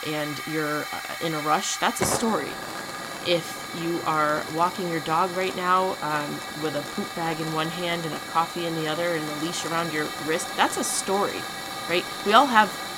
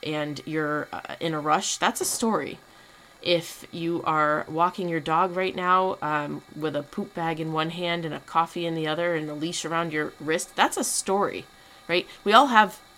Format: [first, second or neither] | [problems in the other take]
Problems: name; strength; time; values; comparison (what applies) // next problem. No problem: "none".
second | hiss; loud; throughout; 7 dB below the speech; faint in the second